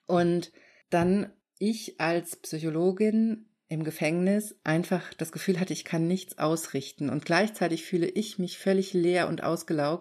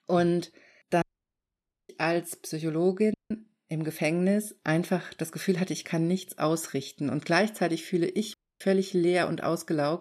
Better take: first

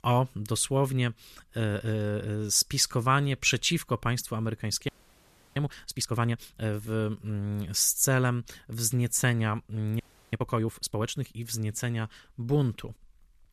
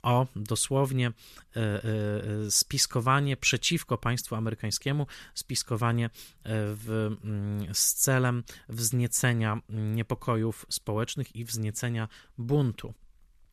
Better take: second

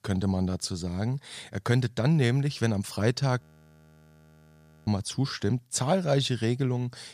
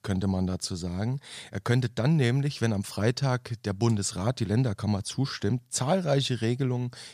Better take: second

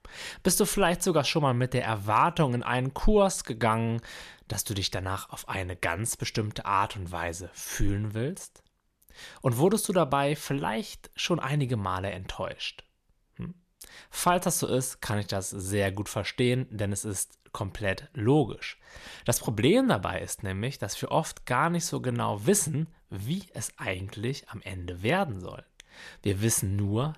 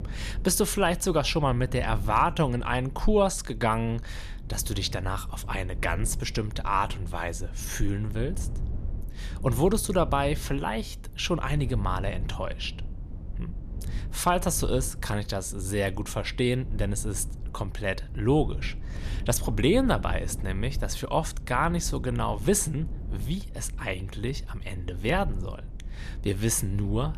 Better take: first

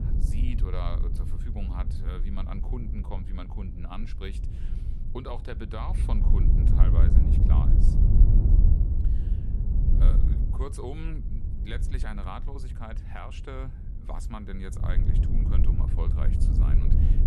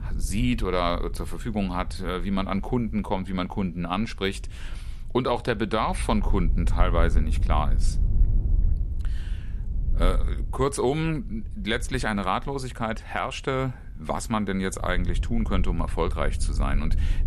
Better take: second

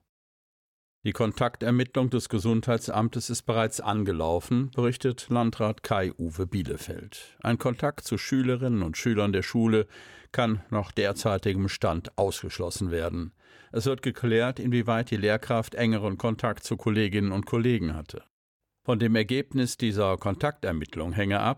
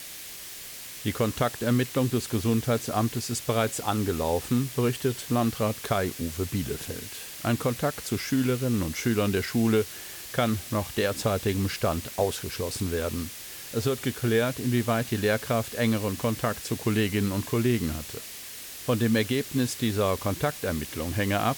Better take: first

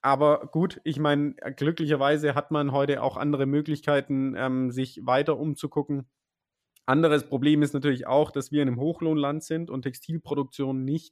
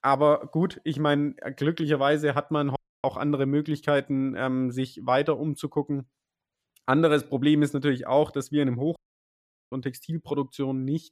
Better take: first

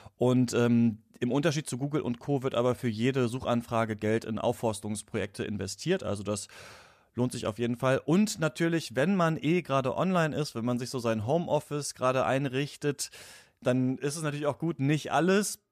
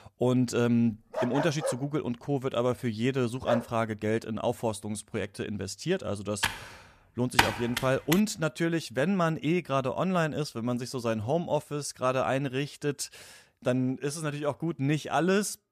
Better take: first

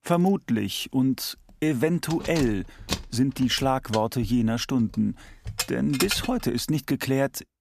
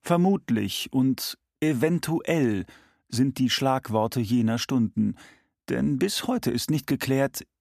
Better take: second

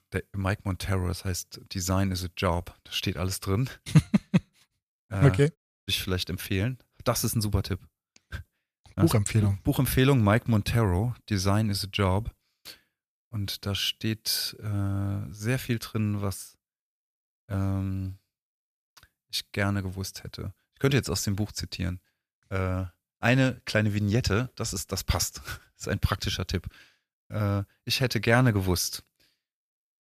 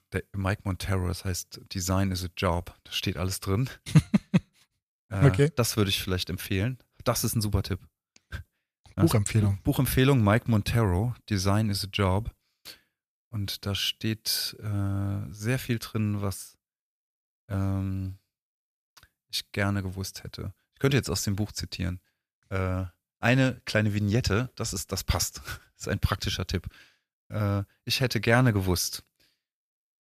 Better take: second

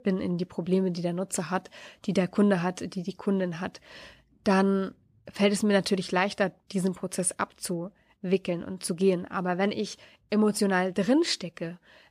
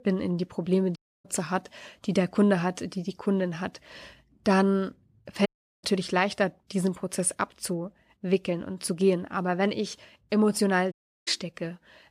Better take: first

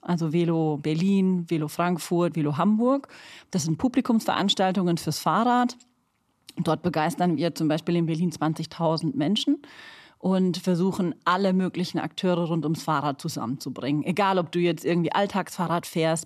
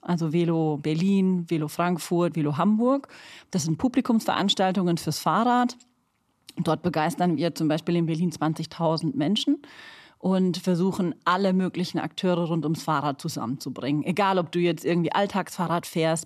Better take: neither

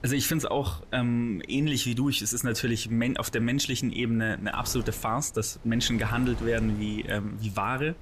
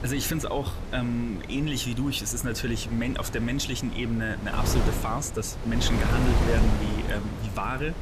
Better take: first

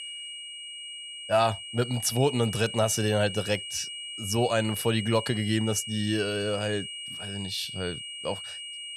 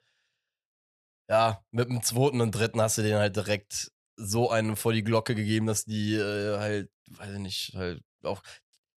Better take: second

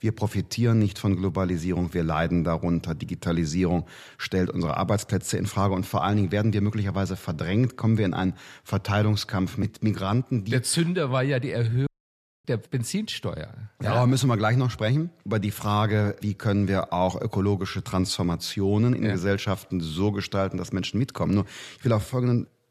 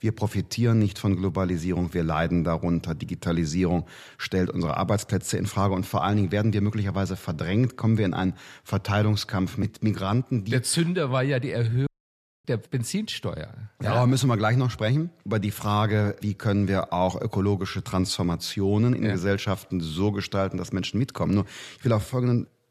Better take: neither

